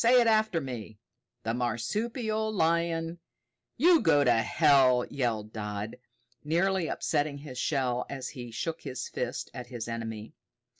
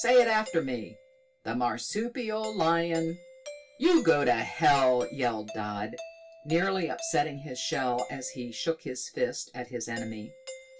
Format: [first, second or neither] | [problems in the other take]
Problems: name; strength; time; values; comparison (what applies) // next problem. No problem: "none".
first | background sound (Doorbell); 17 dB below the speech // room echo; dies away in 0.2 s